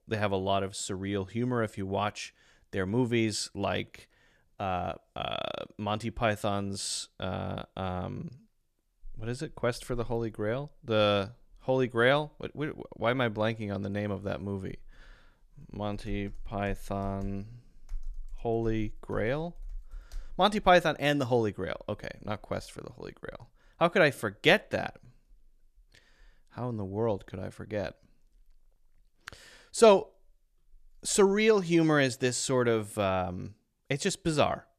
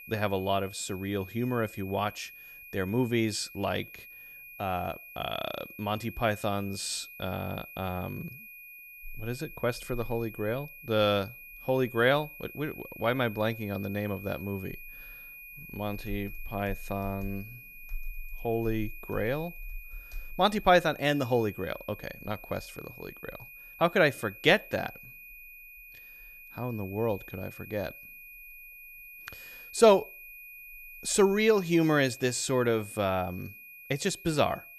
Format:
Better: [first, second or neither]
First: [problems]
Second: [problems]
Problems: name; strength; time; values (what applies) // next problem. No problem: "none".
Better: first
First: none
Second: high-pitched whine; noticeable; throughout; 2.5 kHz, 15 dB below the speech